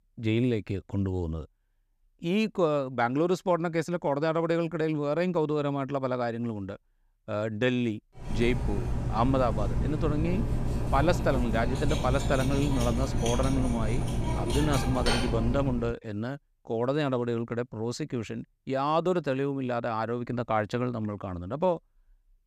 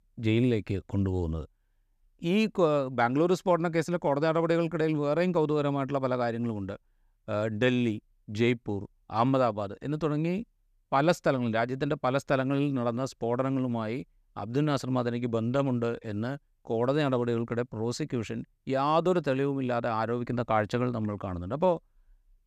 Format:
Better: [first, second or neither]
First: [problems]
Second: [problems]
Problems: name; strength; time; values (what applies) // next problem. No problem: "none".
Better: second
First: clattering dishes; loud; from 8 to 16 s; peak 2 dB above the speech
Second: none